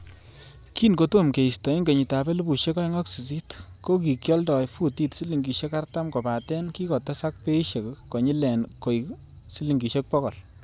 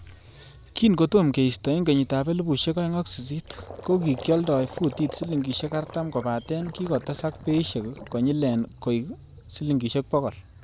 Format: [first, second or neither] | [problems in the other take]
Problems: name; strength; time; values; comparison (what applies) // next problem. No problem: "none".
first | background sound (Gurgling); 19 dB below the speech